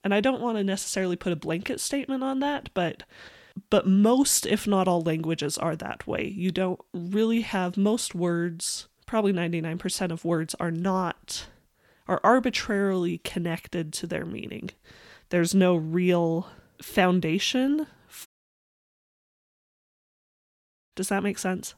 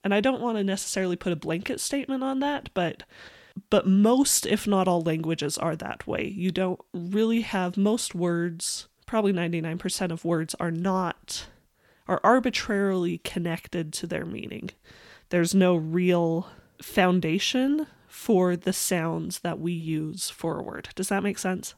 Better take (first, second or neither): second